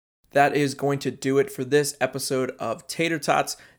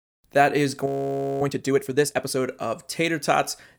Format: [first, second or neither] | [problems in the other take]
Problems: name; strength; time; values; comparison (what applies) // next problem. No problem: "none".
first | audio freezing; at 1 s for 0.5 s